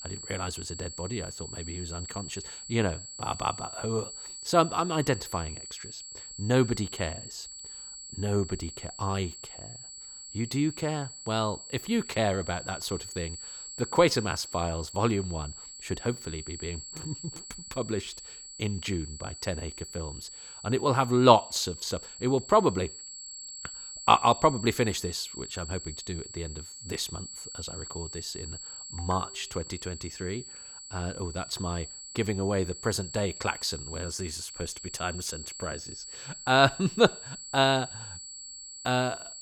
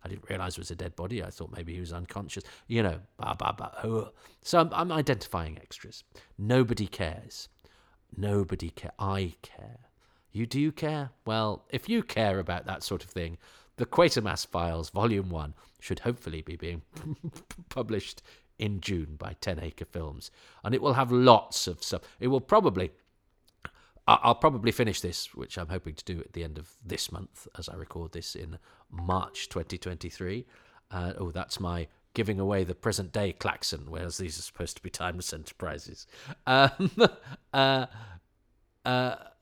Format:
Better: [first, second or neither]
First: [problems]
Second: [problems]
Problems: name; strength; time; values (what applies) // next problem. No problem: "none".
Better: second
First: high-pitched whine; noticeable; throughout; 7.5 kHz, 10 dB below the speech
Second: none